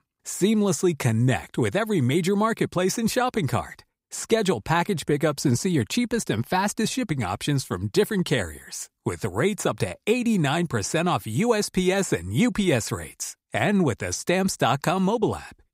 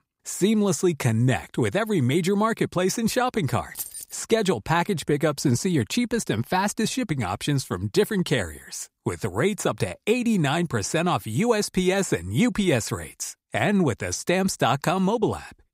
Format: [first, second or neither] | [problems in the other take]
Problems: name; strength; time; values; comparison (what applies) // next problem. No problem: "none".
first | jangling keys; noticeable; at 4 s; peak 9 dB below the speech